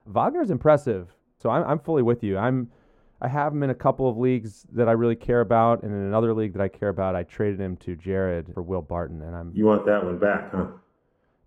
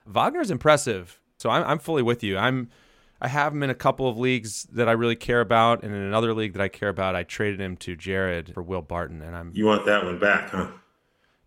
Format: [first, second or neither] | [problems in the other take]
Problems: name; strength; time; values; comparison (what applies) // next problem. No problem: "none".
second | muffled; very; fading above 1.5 kHz